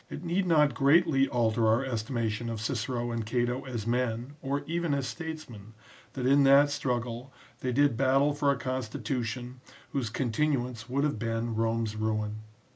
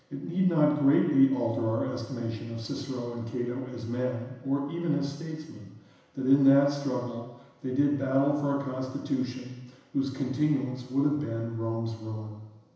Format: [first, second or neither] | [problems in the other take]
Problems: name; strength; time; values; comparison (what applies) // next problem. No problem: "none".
first | room echo; dies away in 1 s